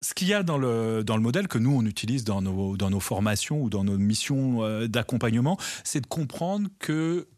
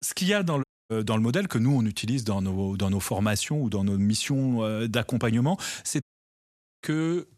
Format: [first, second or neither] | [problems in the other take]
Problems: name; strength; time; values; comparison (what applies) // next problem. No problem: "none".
first | audio cutting out; at 0.5 s and at 6 s for 1 s